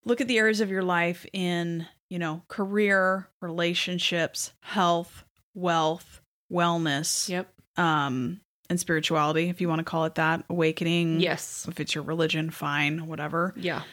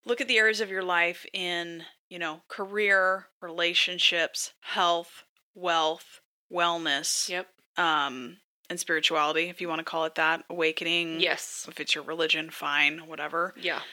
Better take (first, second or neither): first